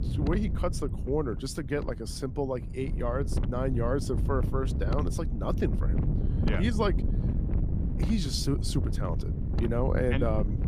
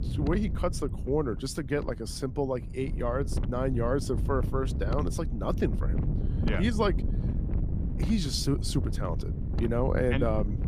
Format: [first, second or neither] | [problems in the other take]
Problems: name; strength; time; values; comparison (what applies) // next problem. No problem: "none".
second | wind noise on the microphone; heavy; 9 dB below the speech; occasional gusts in the second